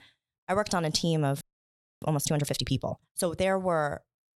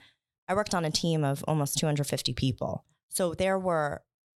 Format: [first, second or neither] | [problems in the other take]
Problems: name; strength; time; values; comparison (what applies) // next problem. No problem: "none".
second | audio freezing; at 1.5 s for 0.5 s